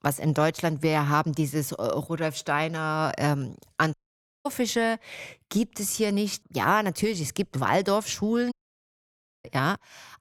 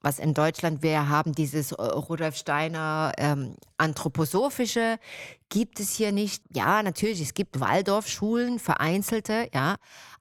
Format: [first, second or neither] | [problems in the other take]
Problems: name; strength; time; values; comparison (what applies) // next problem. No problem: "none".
second | audio cutting out; at 4 s for 0.5 s and at 8.5 s for 1 s